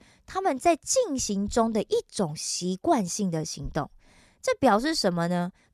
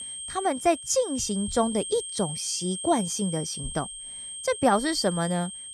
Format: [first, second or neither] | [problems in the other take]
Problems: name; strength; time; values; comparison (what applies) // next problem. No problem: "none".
first | high-pitched whine; loud; throughout; 8.5 kHz, 7 dB below the speech